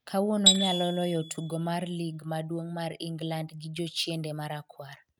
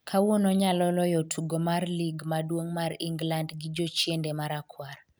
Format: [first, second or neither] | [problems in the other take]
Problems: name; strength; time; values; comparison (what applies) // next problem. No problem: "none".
second | noise reduction (neural mask model RNNoise)